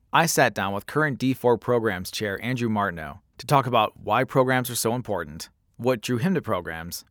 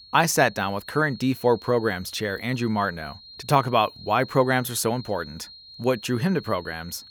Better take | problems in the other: first | high-pitched whine; noticeable; throughout; 4 kHz, 20 dB below the speech

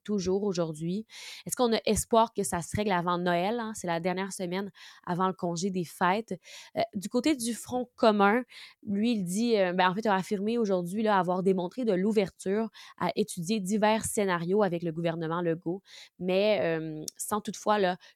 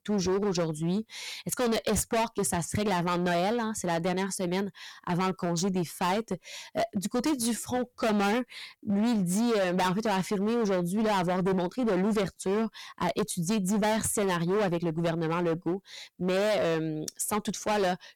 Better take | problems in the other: first | distortion; heavy; 20% of the sound clipped

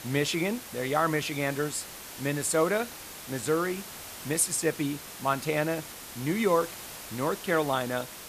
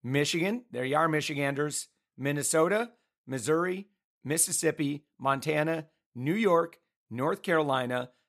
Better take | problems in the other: second | hiss; noticeable; throughout; 10 dB below the speech

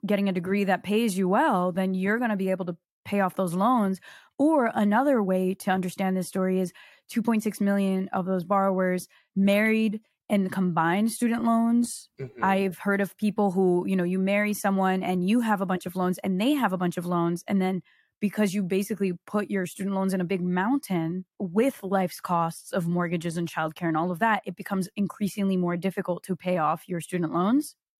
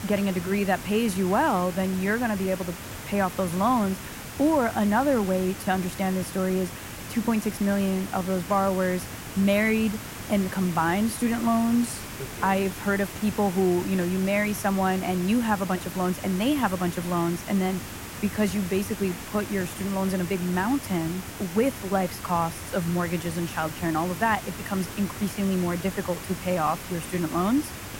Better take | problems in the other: first | hiss; noticeable; throughout; 10 dB below the speech

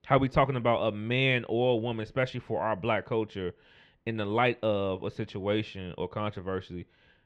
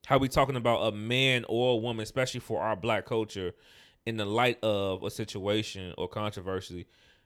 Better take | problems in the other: second | muffled; slightly; fading above 2.5 kHz

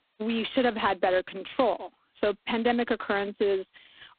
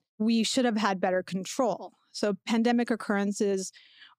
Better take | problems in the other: second | phone-call audio; poor line; nothing above 4 kHz

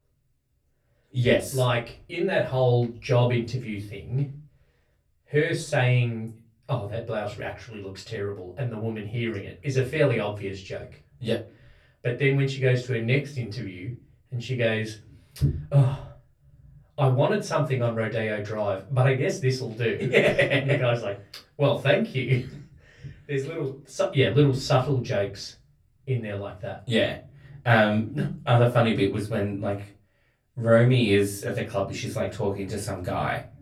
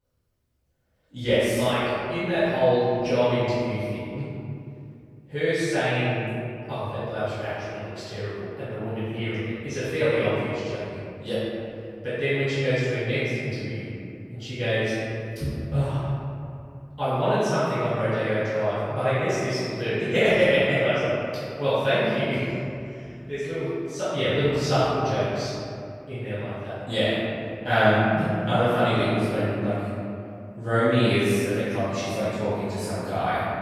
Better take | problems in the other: first | room echo; strong; dies away in 2.5 s; slight in the first // off-mic speech; far; far in the first

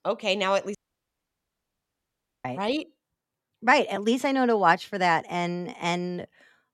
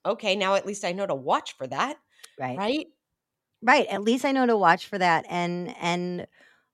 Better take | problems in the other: second | audio cutting out; at 1 s for 1.5 s

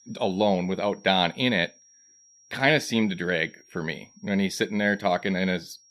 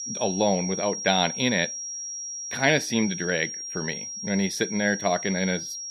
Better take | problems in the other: first | high-pitched whine; loud; throughout; 5.5 kHz, 6 dB below the speech; faint in the first

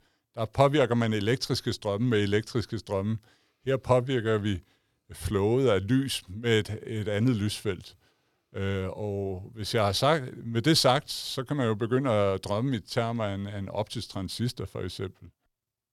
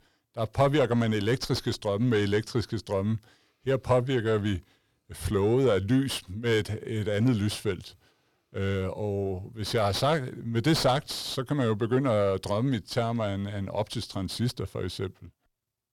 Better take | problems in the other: first | distortion; slight; 10 dB below the speech

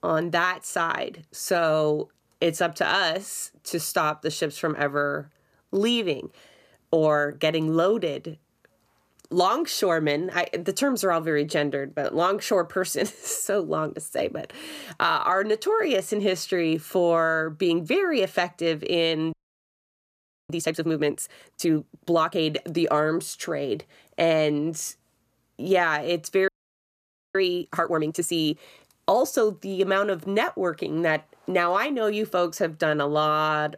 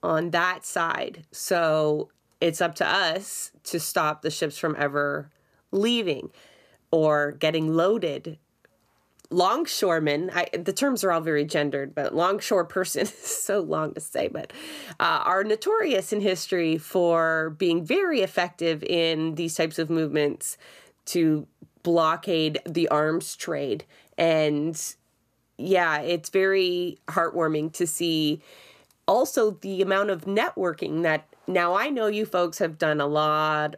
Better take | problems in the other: second | audio freezing; at 19 s for 1 s and at 26 s for 1 s

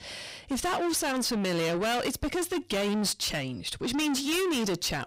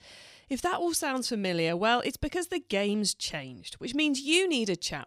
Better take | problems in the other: second | distortion; heavy; 5 dB below the speech

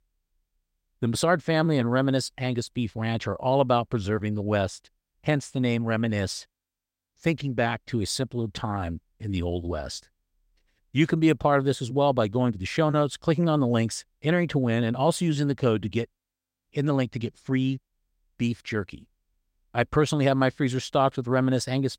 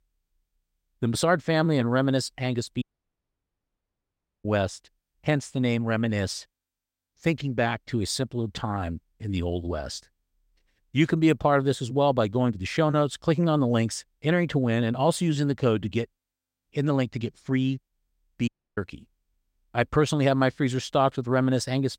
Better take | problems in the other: first | audio cutting out; at 3 s for 1.5 s and at 18 s

